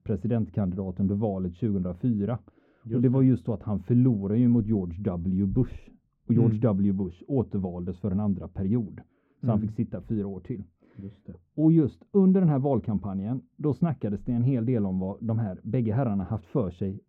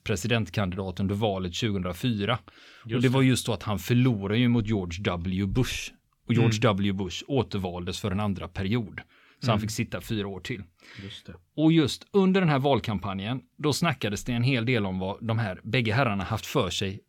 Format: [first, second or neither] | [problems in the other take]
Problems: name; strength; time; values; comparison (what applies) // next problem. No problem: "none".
second | muffled; very; fading above 1.5 kHz